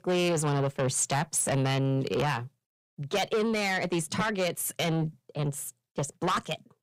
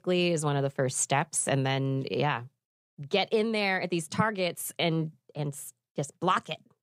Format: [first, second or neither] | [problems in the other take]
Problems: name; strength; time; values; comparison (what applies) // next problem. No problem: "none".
second | distortion; heavy; 7 dB below the speech